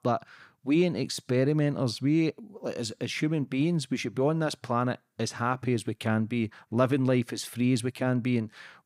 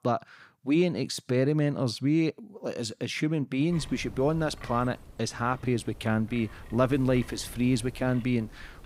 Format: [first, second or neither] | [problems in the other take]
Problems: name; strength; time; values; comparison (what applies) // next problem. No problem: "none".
first | wind noise on the microphone; occasional gusts; from 3.5 s on; 20 dB below the speech